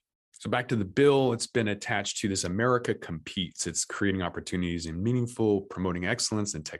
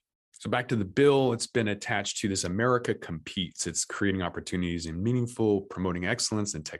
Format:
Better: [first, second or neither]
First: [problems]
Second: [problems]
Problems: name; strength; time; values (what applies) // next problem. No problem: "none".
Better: neither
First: none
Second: none